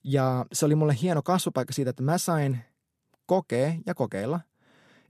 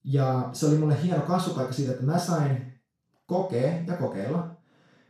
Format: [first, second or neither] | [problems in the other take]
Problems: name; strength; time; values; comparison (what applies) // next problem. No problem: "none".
first | room echo; noticeable; dies away in 0.4 s // off-mic speech; far